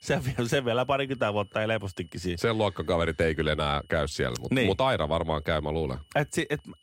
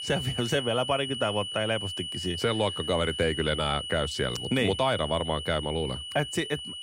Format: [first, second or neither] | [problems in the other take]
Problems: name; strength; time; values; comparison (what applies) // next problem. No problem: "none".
first | high-pitched whine; loud; throughout; 3 kHz, 5 dB below the speech; faint in the first